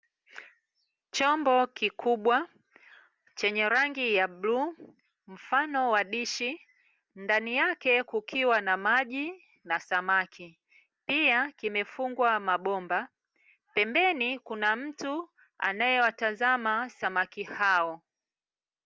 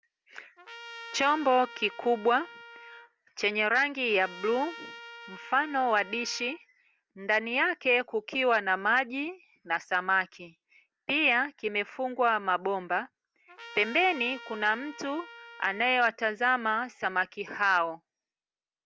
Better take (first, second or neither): first